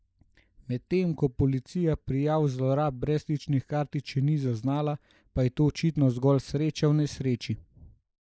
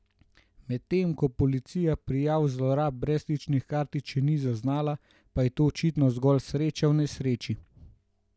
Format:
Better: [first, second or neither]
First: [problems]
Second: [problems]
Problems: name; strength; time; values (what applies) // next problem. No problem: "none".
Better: second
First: noise reduction (neural mask model Resemble Enhance denoiser)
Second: none